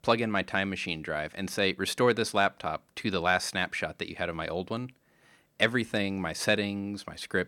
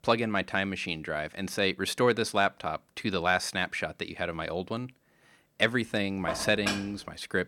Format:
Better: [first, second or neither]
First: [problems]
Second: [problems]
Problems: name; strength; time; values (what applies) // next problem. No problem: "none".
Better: first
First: none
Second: clattering dishes; noticeable; at 6.5 s; peak 3 dB below the speech